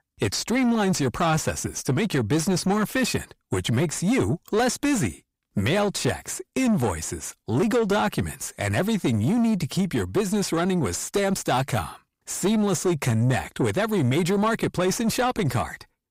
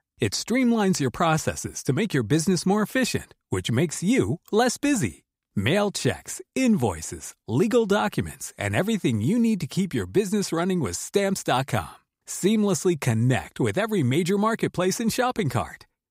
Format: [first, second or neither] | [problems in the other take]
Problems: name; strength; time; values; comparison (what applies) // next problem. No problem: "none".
second | distortion; slight; 10 dB below the speech